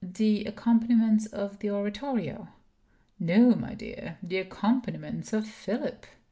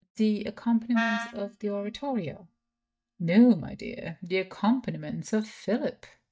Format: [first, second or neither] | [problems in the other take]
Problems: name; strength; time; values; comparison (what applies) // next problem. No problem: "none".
first | noise reduction (neural mask model DeepFilterNet 3)